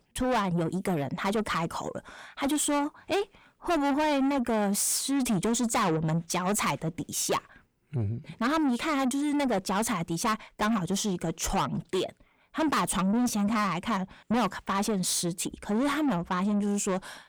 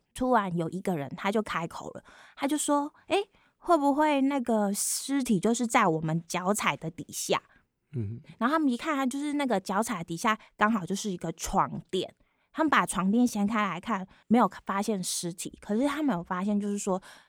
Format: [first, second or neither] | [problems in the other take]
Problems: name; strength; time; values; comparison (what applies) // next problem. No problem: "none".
second | distortion; heavy; 7 dB below the speech